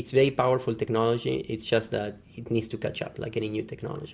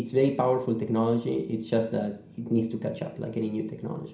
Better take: first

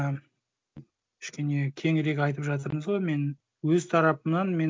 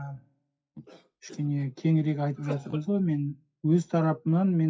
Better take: first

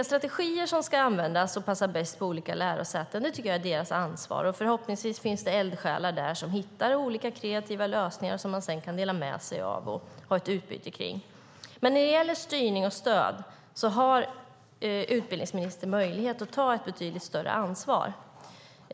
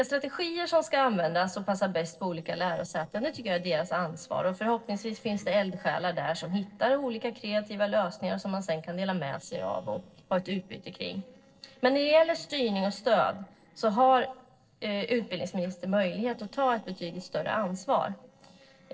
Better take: first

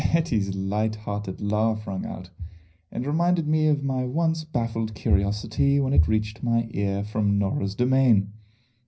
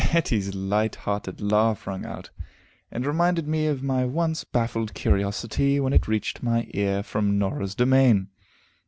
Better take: second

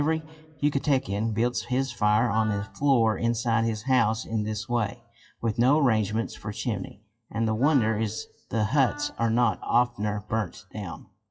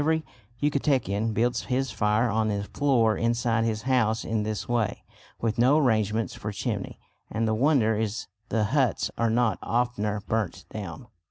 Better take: second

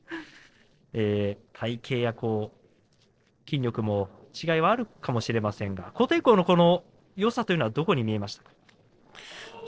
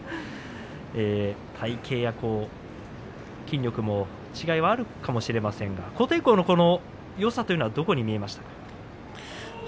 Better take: second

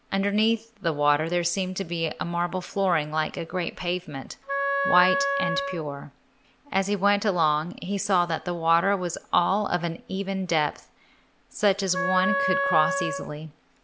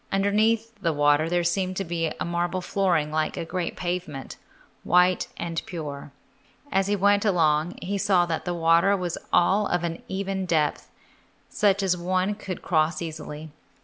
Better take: second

